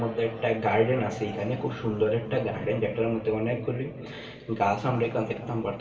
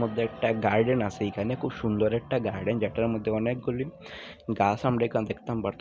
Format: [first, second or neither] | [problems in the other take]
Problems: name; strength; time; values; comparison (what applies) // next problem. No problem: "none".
second | room echo; dies away in 2.9 s